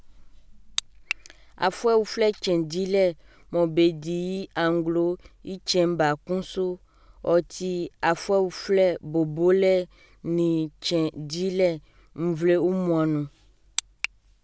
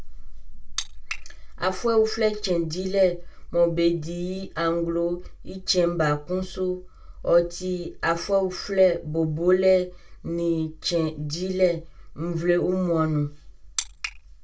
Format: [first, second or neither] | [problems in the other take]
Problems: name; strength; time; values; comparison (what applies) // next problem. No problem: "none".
first | room echo; dies away in 0.2 s